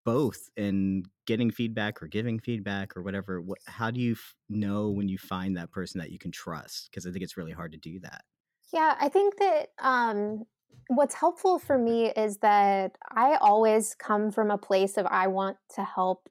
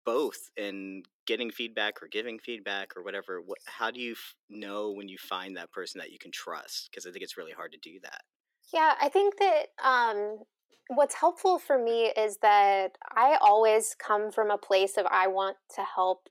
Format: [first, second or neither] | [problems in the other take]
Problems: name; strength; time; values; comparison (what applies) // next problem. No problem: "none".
first | thin; very; fading below 350 Hz